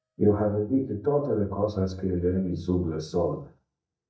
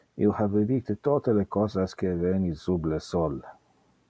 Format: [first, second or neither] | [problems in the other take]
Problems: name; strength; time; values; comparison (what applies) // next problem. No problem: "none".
second | noise reduction (neural mask model DeepFilterNet 3)